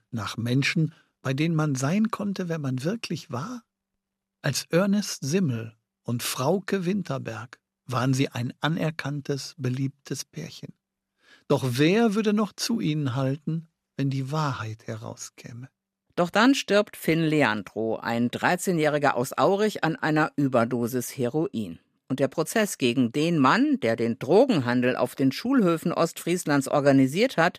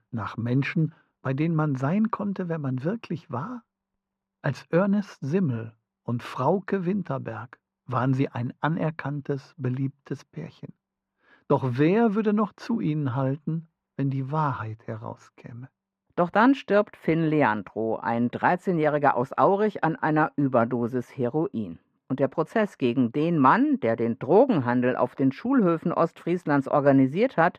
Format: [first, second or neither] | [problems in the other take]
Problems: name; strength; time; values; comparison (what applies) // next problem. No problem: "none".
first | muffled; very; fading above 4 kHz